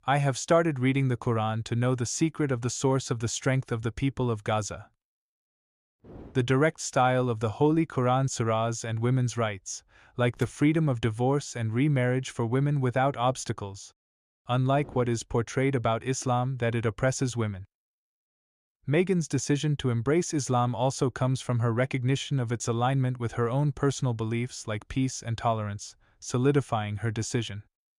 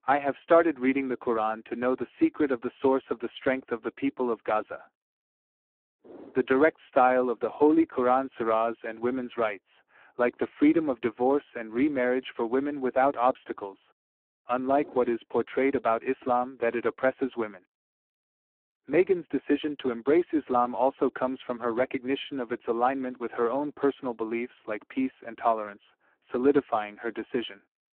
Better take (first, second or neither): first